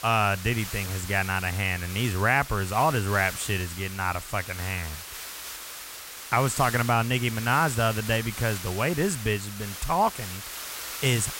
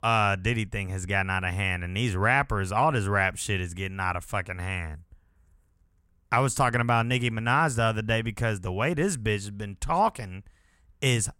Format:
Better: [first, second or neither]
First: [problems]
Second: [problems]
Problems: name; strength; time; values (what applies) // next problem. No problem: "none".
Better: second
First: hiss; loud; throughout; 10 dB below the speech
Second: none